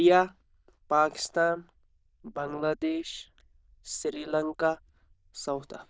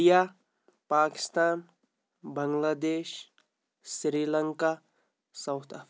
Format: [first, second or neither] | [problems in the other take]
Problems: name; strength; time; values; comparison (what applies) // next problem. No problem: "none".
second | noise reduction (neural diffusion model UNIVERSE++)